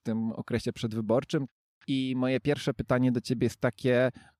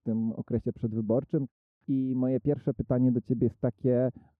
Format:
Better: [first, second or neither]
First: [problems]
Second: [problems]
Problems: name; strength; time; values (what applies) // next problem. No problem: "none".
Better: first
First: none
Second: muffled; very; fading above 1.5 kHz